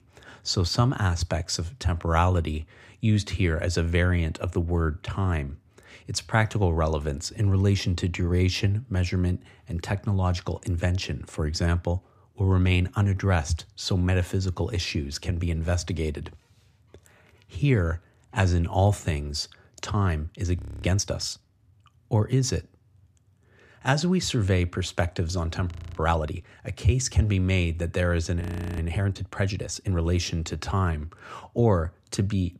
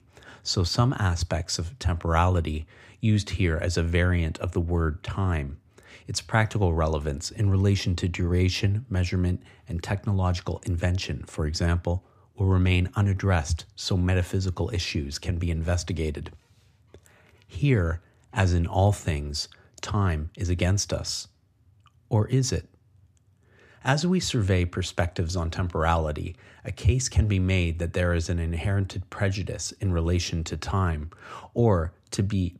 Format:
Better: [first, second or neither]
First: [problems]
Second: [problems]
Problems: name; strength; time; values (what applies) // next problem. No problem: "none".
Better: second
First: audio freezing; at 21 s, at 26 s and at 28 s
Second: none